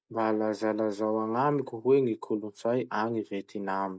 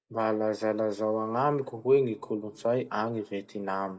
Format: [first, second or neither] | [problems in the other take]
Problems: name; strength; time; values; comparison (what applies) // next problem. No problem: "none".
first | room echo; dies away in 1 s